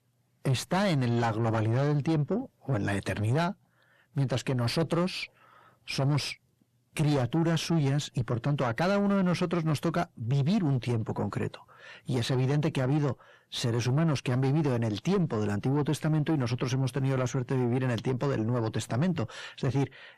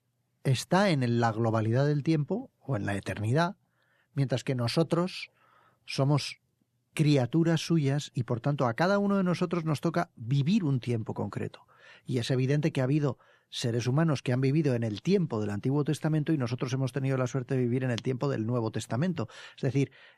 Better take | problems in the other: second | distortion; slight; 10 dB below the speech

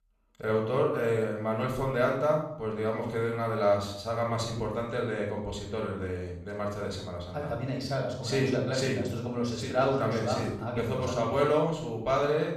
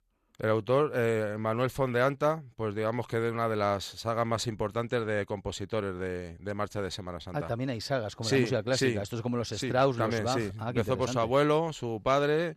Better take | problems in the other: second | off-mic speech; far // room echo; noticeable; dies away in 0.6 s

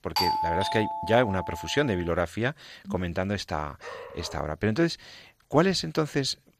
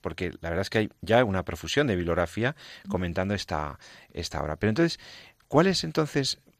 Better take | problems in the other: second | doorbell; loud; until 2 s; peak 2 dB above the speech // dog barking; faint; at 4 s; peak 15 dB below the speech

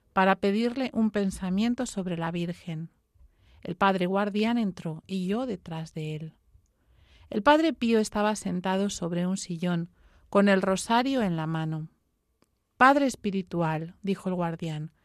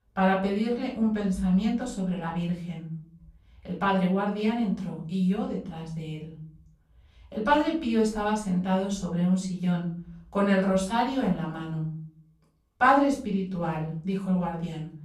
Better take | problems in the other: first | off-mic speech; far // room echo; slight; dies away in 0.5 s

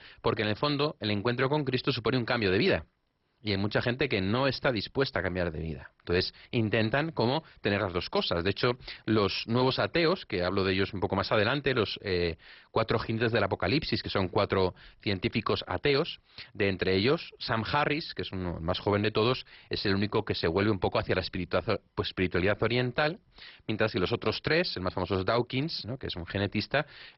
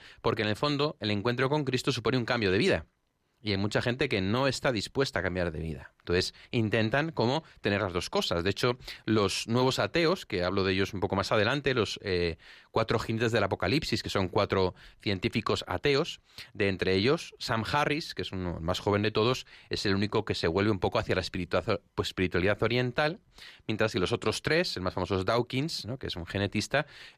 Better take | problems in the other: second | garbled, watery; badly; nothing above 5.5 kHz

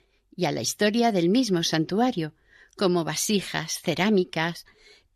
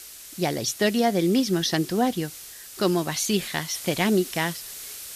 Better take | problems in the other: first | hiss; noticeable; throughout; 15 dB below the speech

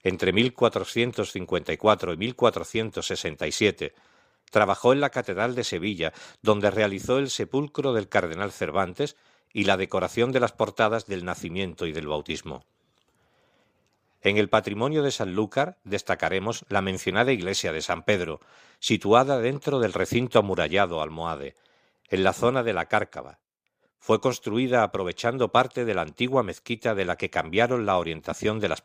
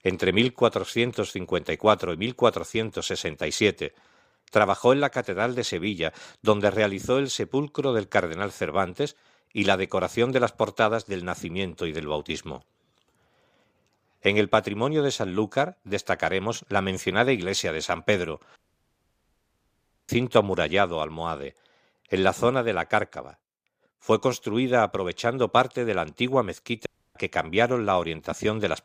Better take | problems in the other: first | audio cutting out; at 19 s for 1.5 s and at 27 s

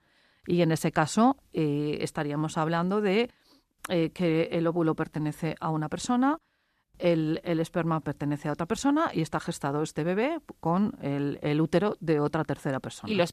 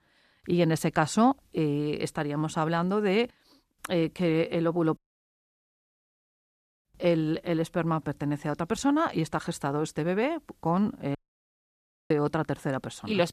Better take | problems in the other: first | audio cutting out; at 5 s for 2 s and at 11 s for 1 s

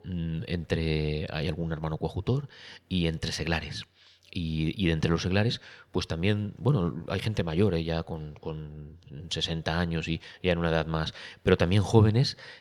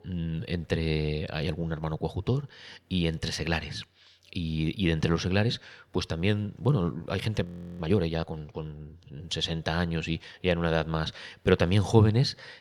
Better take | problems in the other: first | audio freezing; at 7.5 s

